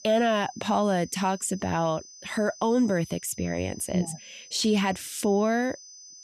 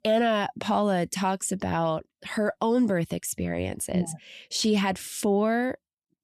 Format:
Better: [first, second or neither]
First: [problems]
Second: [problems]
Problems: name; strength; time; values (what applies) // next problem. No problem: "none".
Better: second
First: high-pitched whine; noticeable; throughout; 6 kHz, 20 dB below the speech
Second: none